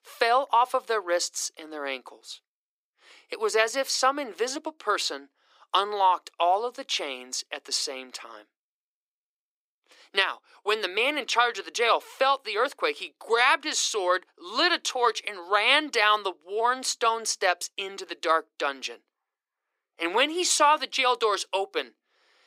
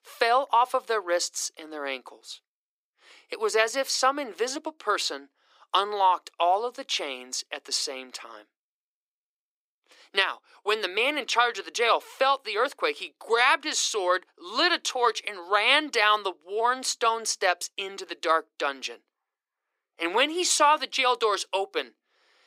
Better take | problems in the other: neither | thin; very; fading below 350 Hz; the same in both

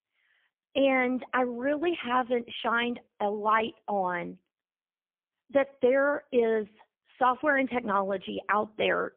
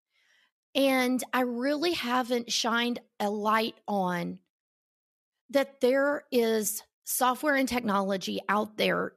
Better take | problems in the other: second | phone-call audio; poor line; nothing above 3.5 kHz

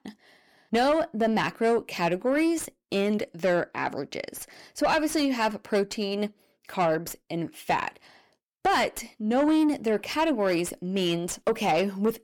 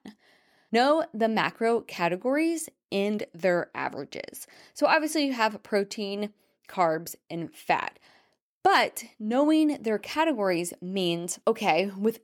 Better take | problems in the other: second | distortion; slight; 10 dB below the speech

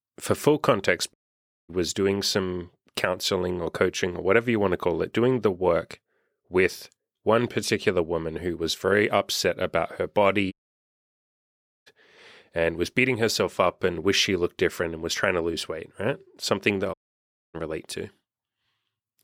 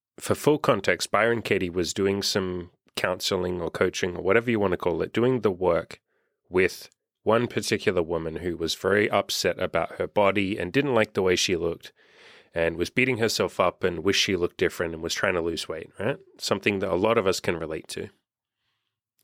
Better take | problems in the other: second | audio cutting out; at 1 s for 0.5 s, at 11 s for 1.5 s and at 17 s for 0.5 s

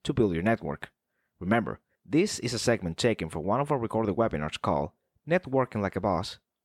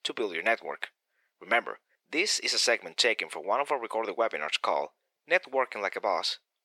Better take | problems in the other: first | thin; very; fading below 450 Hz

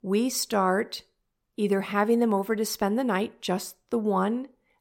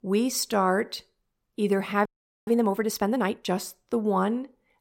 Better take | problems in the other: first | audio freezing; at 2 s

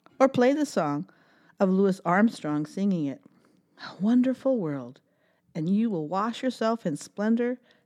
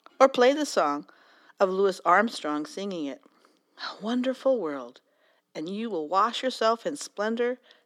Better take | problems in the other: first | thin; somewhat; fading below 350 Hz

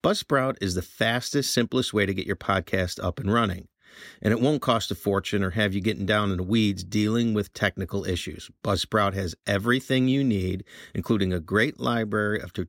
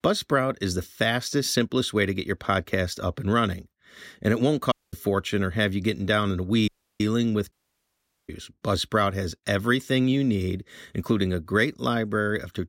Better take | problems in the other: first | audio cutting out; at 4.5 s, at 6.5 s and at 7.5 s for 1 s

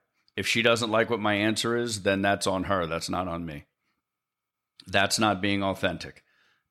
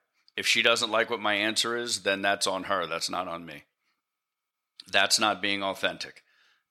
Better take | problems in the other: first | thin; somewhat; fading below 650 Hz

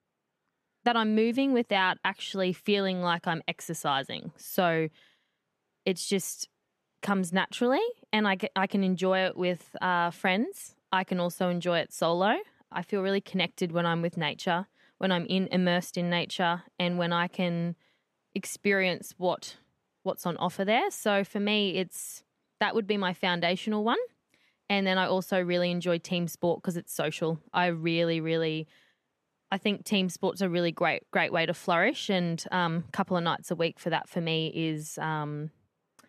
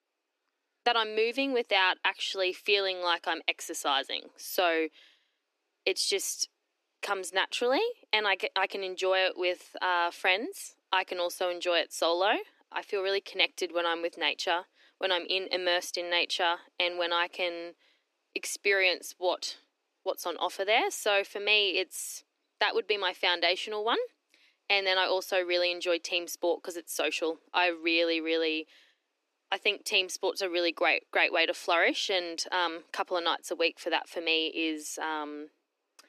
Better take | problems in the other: first | thin; very; fading below 300 Hz

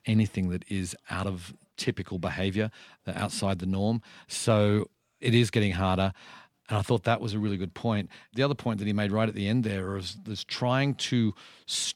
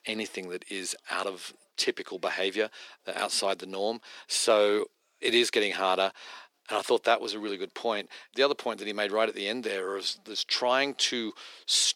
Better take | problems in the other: first | thin; very; fading below 350 Hz

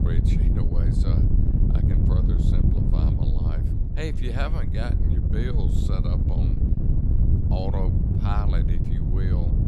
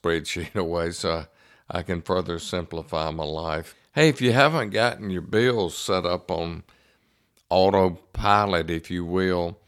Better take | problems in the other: second | wind noise on the microphone; heavy; 1 dB above the speech

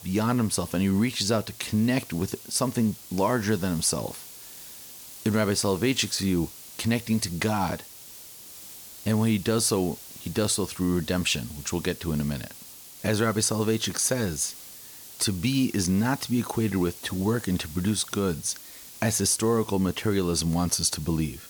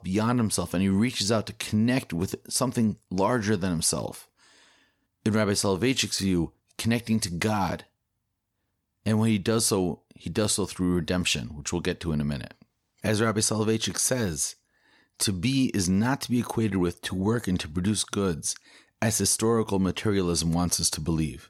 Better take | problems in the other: second | hiss; noticeable; throughout; 15 dB below the speech

